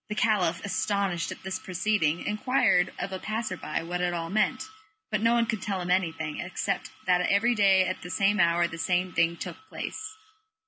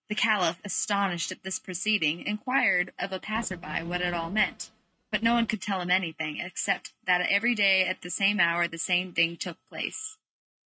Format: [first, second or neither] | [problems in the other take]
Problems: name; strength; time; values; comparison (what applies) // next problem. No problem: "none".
first | noise reduction (neural mask model RNNoise)